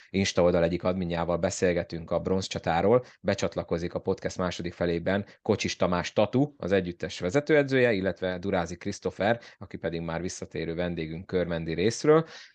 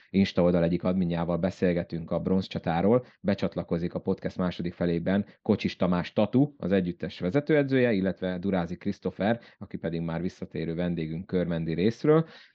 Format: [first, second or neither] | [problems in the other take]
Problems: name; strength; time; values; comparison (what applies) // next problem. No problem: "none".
first | muffled; very slightly; fading above 4 kHz